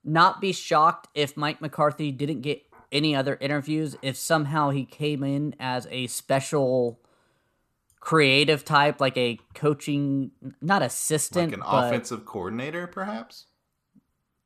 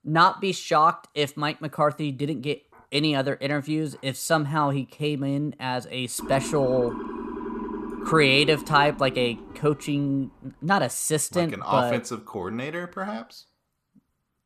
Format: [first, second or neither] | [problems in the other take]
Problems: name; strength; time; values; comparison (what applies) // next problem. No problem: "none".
first | siren; noticeable; from 6 to 10 s; peak 8 dB below the speech